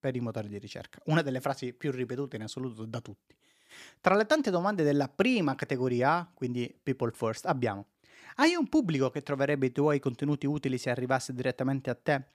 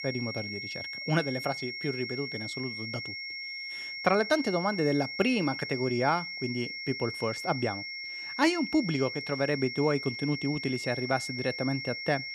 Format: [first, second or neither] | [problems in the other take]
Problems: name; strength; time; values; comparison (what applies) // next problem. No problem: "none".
first | high-pitched whine; loud; throughout; 2 kHz, 5 dB below the speech